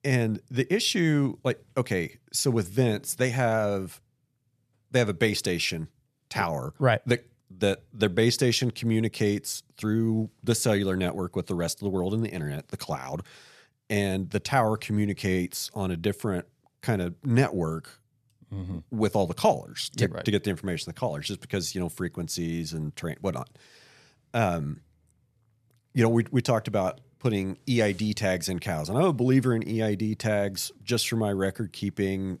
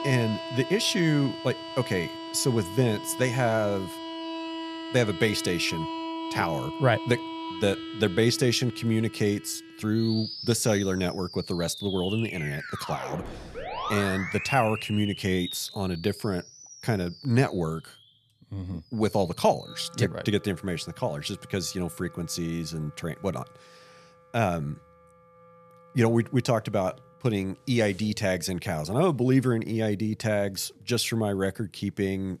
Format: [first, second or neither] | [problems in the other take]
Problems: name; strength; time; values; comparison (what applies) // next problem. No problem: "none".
first | background music; loud; throughout; 9 dB below the speech